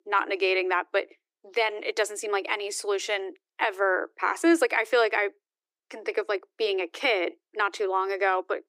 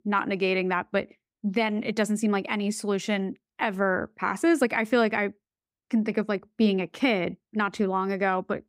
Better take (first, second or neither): second